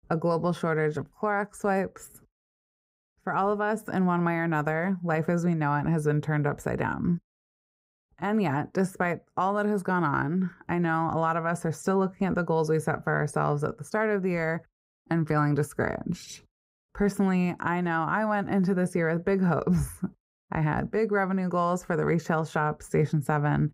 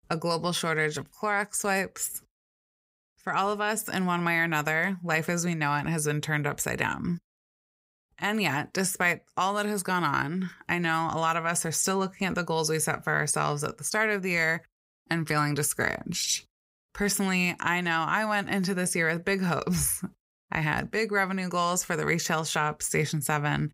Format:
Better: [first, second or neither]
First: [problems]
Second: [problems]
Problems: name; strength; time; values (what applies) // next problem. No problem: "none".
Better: second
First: muffled; very; fading above 1.5 kHz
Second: none